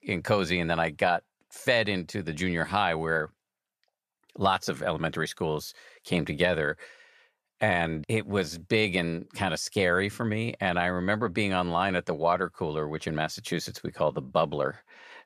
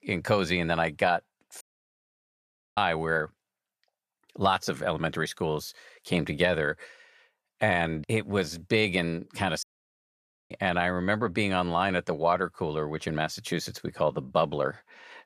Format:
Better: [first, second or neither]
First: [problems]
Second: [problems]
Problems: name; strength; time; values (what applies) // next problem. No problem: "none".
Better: first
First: none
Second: audio cutting out; at 1.5 s for 1 s and at 9.5 s for 1 s